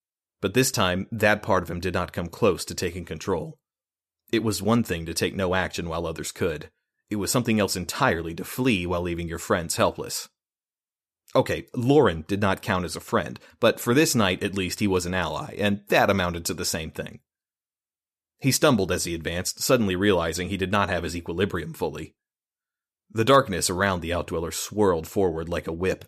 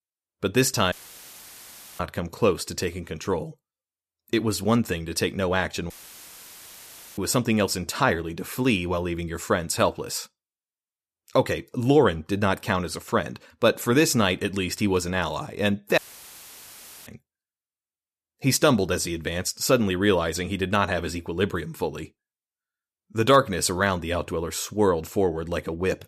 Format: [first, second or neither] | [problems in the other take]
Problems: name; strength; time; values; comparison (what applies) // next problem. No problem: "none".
first | audio cutting out; filled with static; at 1 s for 1 s, at 6 s for 1.5 s and at 16 s for 1 s